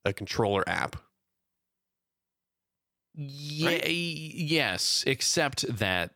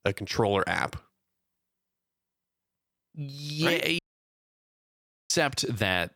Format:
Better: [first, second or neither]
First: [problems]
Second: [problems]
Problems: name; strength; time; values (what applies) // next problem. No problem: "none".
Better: first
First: none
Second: audio cutting out; at 4 s for 1.5 s